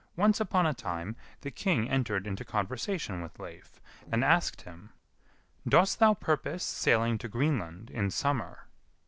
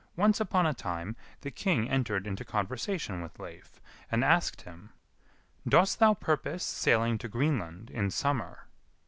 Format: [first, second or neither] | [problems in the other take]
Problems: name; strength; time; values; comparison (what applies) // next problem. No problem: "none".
second | noise reduction (neural separator model SepFormer DNS4)